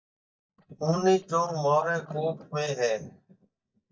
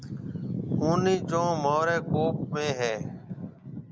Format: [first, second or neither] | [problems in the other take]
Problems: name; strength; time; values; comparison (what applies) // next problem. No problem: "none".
second | noise reduction (neural mask model DeepFilterNet 3)